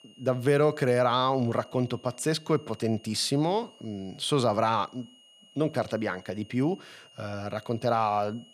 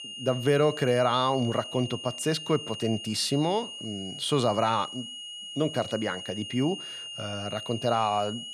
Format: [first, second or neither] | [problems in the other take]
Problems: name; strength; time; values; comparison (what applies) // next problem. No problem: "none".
first | high-pitched whine; loud; throughout; 3 kHz, 9 dB below the speech; faint in the first